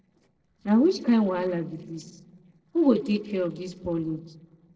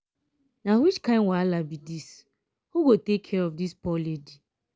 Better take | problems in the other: second | noise reduction (neural separator model SepFormer DNS4)

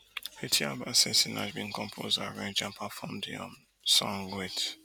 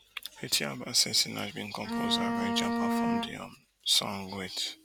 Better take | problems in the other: first | background sound (Bowed string instrument); 3 dB above the speech

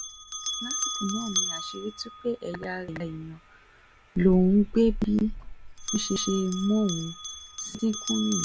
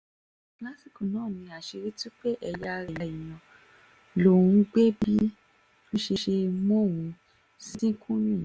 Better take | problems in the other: second | background sound (Bell); 7 dB below the speech

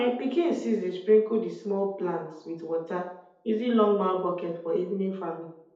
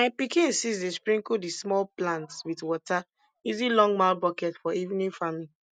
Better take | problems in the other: second | room echo; dies away in 2 s

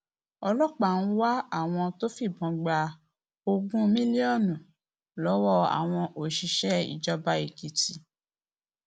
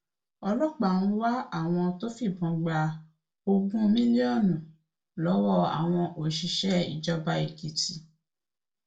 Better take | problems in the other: first | room echo; dies away in 0.2 s

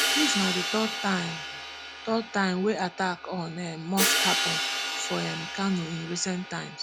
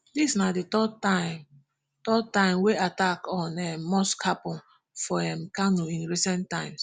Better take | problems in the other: second | background sound (Hi-hat); 1 dB below the speech

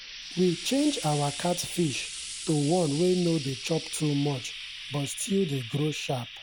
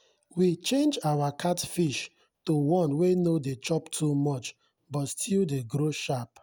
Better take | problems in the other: second | background sound (Frying (food)); 11 dB below the speech

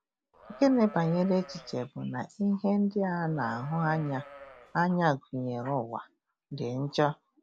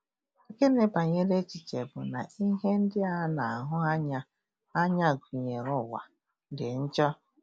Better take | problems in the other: second | background sound (Livestock, farm animals, working animals); 17 dB below the speech

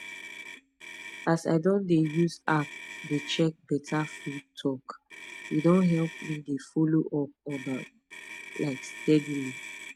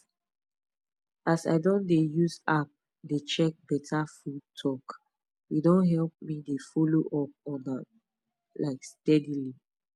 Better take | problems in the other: second | background sound (Motor vehicle (road)); 15 dB below the speech

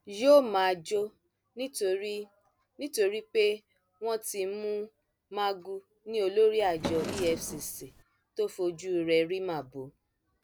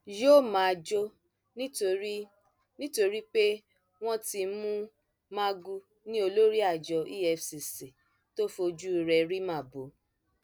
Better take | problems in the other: second | background sound (Drawer open or close); 8 dB below the speech

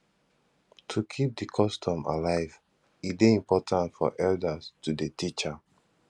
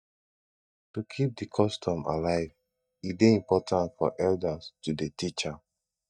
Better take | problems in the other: first | noise reduction (neural mask model DeepFilterNet 3)

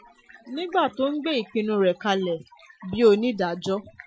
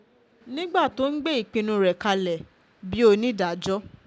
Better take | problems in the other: second | noise reduction (classical method Wiener filter)

